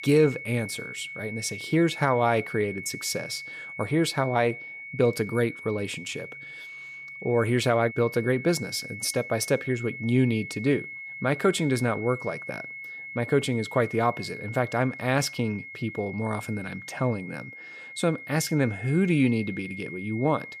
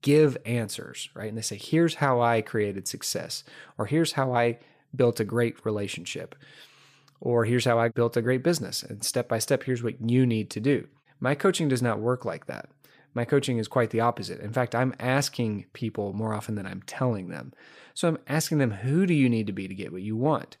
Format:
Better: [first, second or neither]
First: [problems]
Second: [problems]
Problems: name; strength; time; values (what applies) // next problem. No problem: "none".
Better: second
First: high-pitched whine; noticeable; throughout; 2 kHz, 10 dB below the speech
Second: none